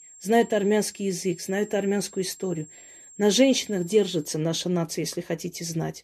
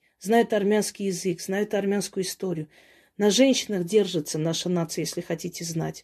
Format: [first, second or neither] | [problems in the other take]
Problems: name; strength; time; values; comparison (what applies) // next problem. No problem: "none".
second | high-pitched whine; faint; until 4 s; 7.5 kHz, 20 dB below the speech